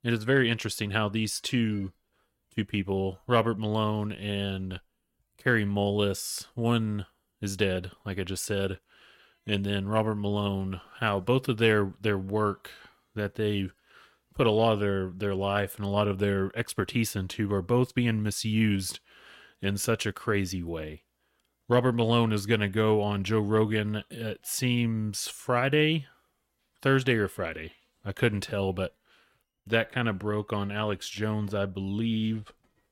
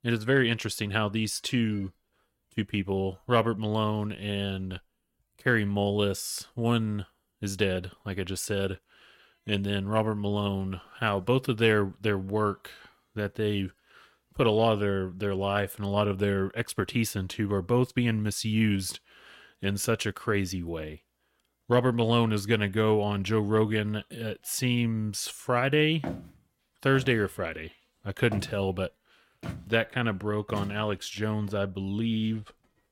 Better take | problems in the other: first | footsteps; noticeable; from 26 to 31 s; peak 9 dB below the speech

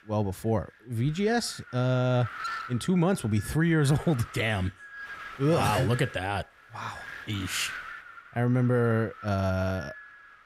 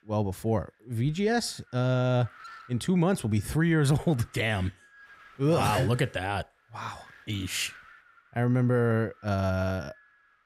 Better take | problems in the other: second | wind noise on the microphone; heavy; 9 dB below the speech; occasional gusts in the second

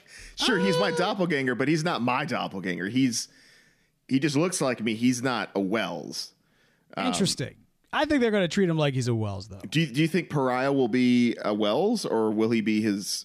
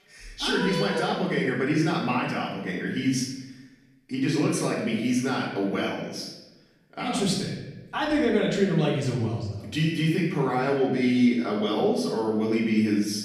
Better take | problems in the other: first | room echo; noticeable; dies away in 0.9 s // off-mic speech; far

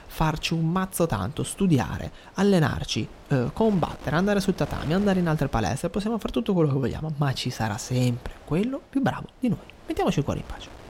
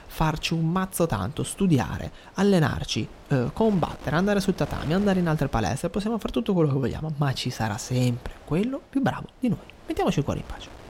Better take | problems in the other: neither | wind noise on the microphone; occasional gusts; 20 dB below the speech; the same in both

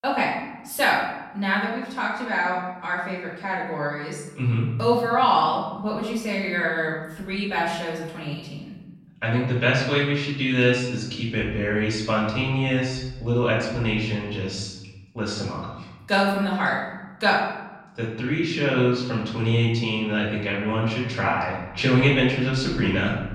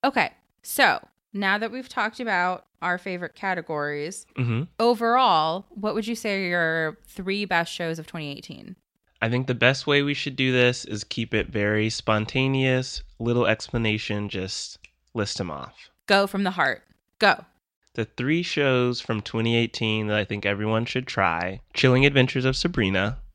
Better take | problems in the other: second | off-mic speech; far // room echo; noticeable; dies away in 1 s

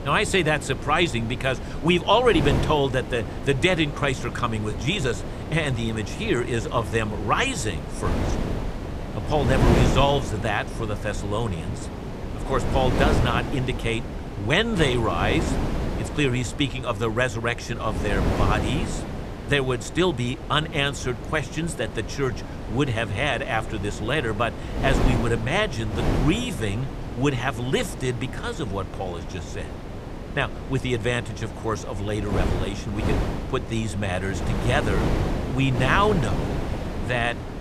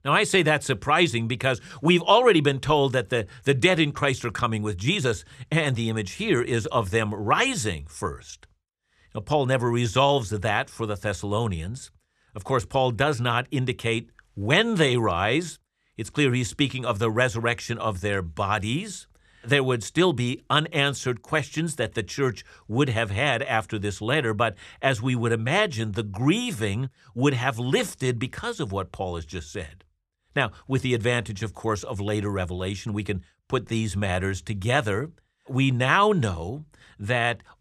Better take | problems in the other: second | wind noise on the microphone; heavy; 8 dB below the speech

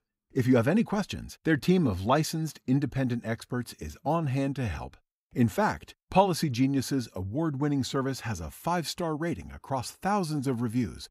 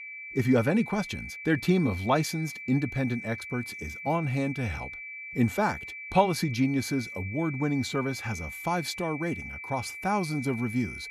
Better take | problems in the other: first | high-pitched whine; loud; throughout; 2.5 kHz, 9 dB below the speech

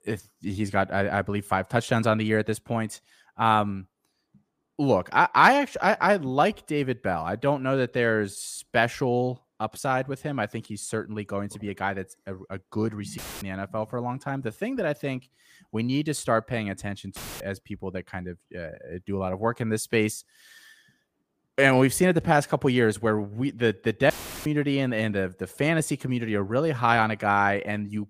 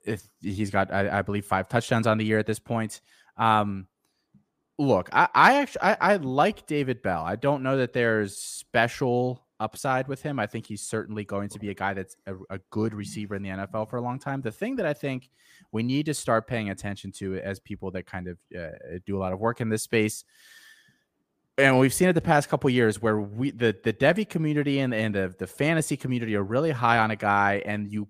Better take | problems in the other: second | audio cutting out; filled with static; at 13 s, at 17 s and at 24 s

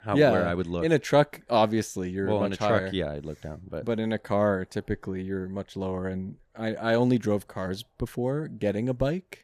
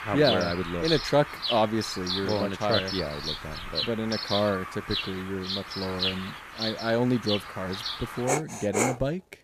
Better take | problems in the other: first | animal sounds; loud; throughout; 3 dB below the speech

